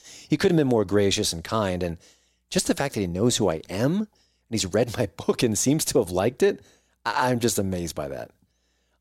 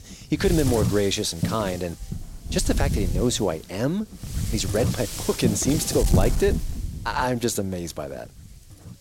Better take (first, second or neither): first